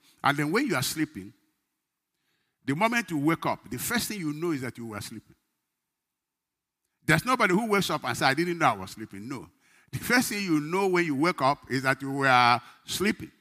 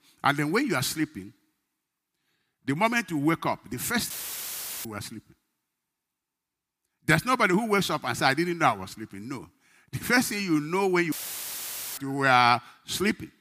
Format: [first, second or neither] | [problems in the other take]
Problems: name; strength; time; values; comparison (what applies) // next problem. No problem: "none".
first | audio cutting out; filled with static; at 4 s for 1 s and at 11 s for 1 s